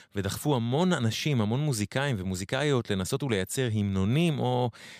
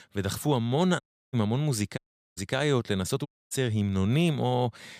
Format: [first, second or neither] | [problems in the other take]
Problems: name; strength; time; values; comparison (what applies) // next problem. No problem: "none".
first | audio cutting out; at 1 s, at 2 s and at 3.5 s